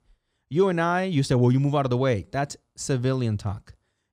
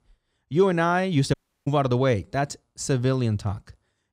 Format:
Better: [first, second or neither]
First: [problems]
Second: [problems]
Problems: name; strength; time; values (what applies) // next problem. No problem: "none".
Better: first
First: none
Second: audio cutting out; at 1.5 s